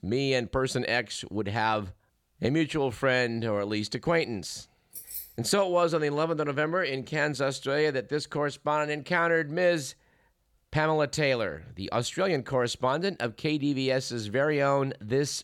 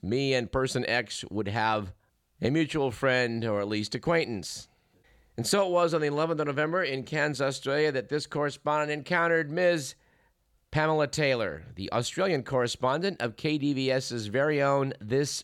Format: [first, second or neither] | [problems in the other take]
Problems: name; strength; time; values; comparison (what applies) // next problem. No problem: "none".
second | jangling keys; noticeable; at 5 s; peak 10 dB below the speech